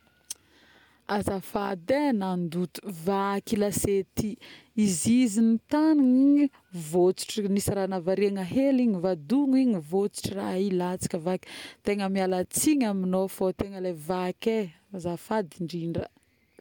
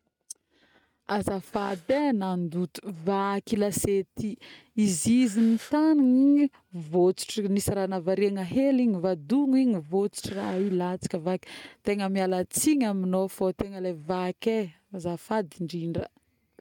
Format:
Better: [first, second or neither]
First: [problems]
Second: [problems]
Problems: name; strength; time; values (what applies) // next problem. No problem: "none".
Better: first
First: none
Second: noise reduction (neural mask model RNNoise)